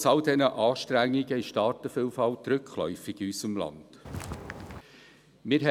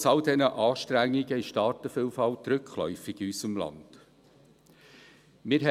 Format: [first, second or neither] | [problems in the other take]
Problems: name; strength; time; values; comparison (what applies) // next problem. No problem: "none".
second | background sound (Walk, footsteps); 11 dB below the speech